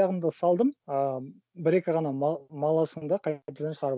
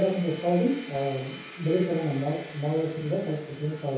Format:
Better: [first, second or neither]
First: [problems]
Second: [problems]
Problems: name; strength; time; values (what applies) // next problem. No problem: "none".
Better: first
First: none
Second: background sound (Domestic sounds, home sounds); 17 dB below the speech // room echo; dies away in 0.6 s